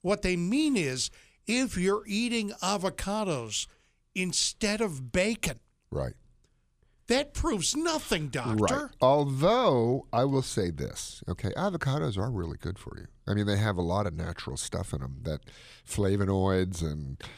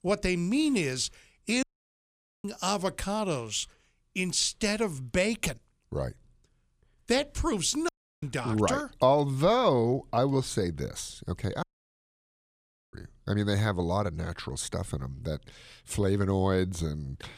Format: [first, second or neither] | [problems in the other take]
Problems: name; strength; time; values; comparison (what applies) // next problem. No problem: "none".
first | audio cutting out; at 1.5 s for 1 s, at 8 s and at 12 s for 1.5 s